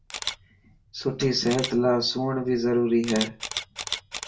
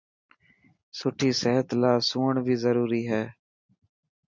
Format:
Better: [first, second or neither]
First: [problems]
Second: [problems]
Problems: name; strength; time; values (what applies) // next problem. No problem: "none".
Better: second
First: background sound (Camera); 11 dB below the speech // room echo; dies away in 0.2 s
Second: none